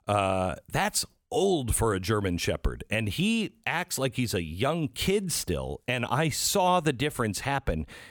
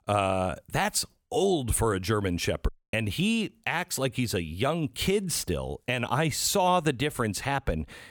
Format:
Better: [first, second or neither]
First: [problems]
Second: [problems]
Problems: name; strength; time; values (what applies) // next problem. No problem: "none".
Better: first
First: none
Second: audio cutting out; at 2.5 s